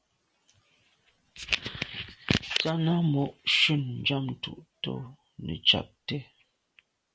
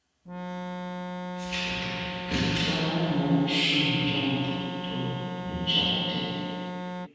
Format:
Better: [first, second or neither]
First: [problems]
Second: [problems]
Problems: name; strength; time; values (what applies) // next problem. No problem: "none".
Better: first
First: none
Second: background sound (Organ); 5 dB below the speech // room echo; dies away in 2.1 s